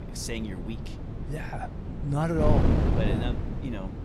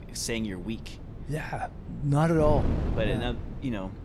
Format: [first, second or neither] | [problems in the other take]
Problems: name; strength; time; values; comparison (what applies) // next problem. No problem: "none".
second | wind noise on the microphone; heavy; 3 dB below the speech; occasional gusts in the second